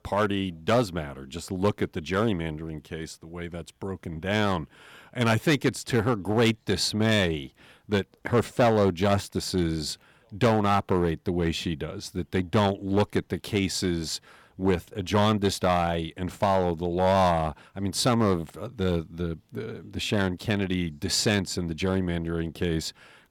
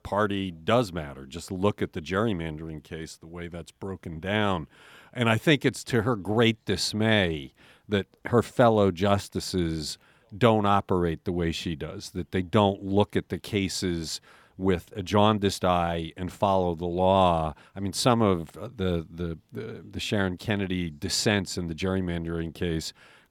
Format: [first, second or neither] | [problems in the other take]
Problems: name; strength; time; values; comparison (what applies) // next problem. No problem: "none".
second | distortion; slight; 3% of the sound clipped